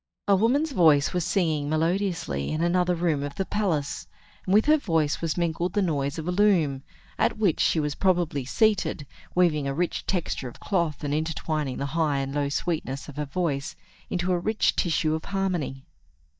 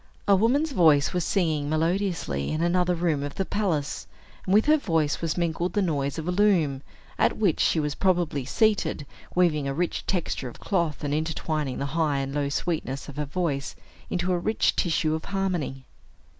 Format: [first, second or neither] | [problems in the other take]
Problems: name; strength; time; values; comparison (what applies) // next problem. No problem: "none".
second | noise reduction (neural mask model DeepFilterNet 3)